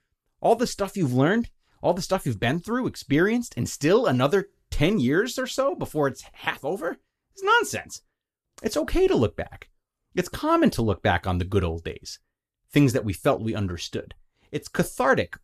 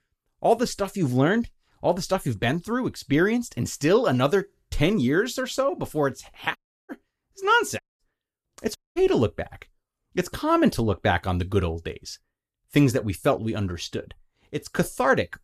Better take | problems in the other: first | audio cutting out; at 6.5 s, at 8 s and at 9 s

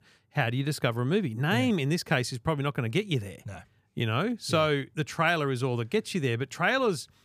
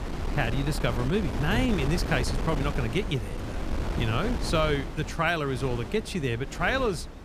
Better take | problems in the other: first | wind noise on the microphone; heavy; 8 dB below the speech

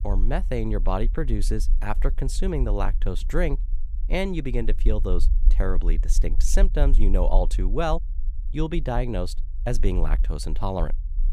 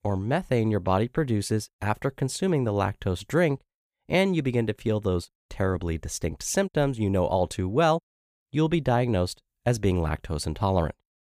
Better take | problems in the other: second | low rumble; faint; throughout; 20 dB below the speech

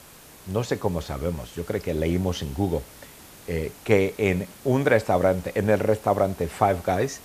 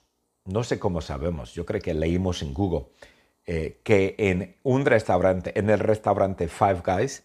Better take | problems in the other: second | hiss; faint; throughout; 20 dB below the speech

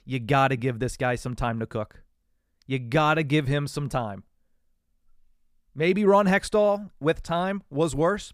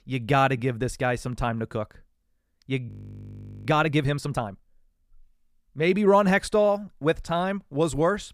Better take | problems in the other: first | audio freezing; at 3 s for 1 s

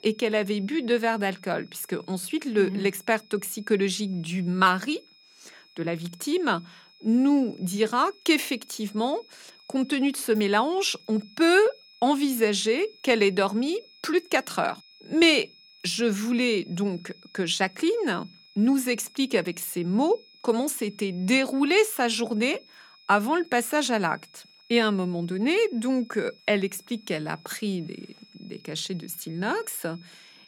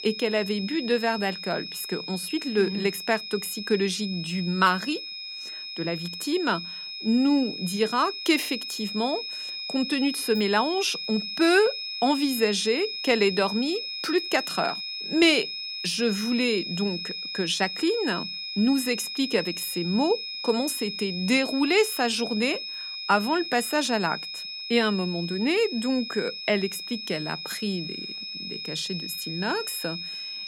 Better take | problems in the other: first | high-pitched whine; loud; throughout; 5 kHz, 6 dB below the speech; faint in the first

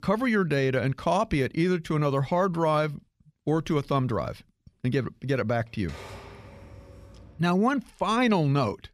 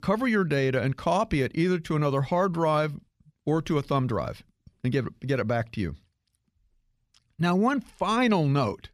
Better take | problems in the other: second | keyboard typing; faint; from 6 to 7.5 s; peak 15 dB below the speech

